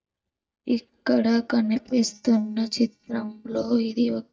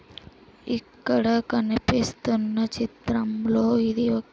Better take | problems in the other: second | noise reduction (neural mask model DeepFilterNet 3)

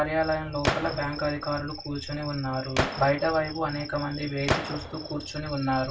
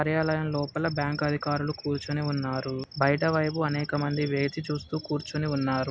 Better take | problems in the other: second | background sound (Gunshot, gunfire); 5 dB below the speech // room echo; dies away in 0.2 s

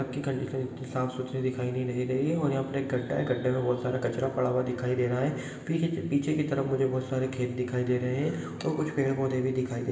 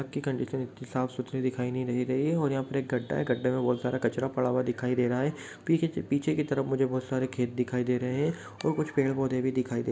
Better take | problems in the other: second | background sound (Guitar); 19 dB below the speech // room echo; dies away in 2 s

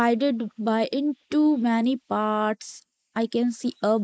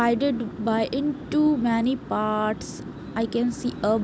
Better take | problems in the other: second | noise reduction (neural mask model Resemble Enhance denoiser)

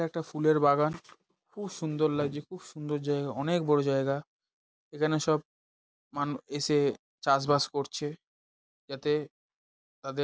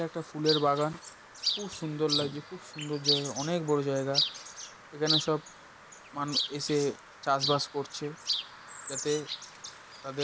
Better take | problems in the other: first | background sound (Chirp, tweet); 3 dB below the speech

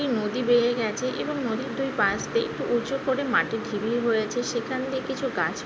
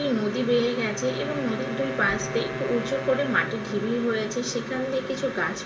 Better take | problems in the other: first | background sound (Wind instrument, woodwind instrument); 11 dB below the speech // room echo; dies away in 0.3 s

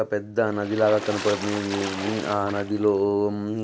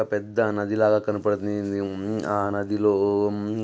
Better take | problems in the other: second | background sound (Water / Splash, splatter); 11 dB below the speech

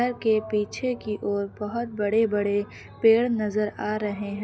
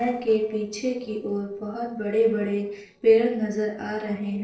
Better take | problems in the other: first | noise reduction (neural separator model SepFormer DNS4)

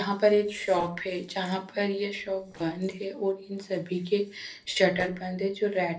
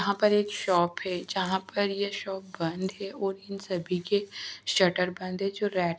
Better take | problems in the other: second | noise reduction (neural separator model SepFormer DNS4)

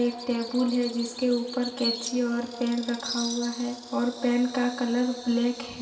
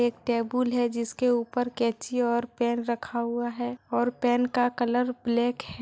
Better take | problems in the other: second | background sound (Bird vocalization, bird call, bird song); 12 dB below the speech // room echo; dies away in 2.2 s

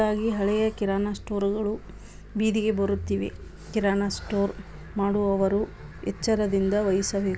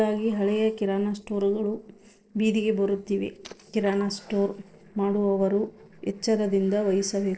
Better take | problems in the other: first | noise reduction (neural separator model SepFormer DNS4)

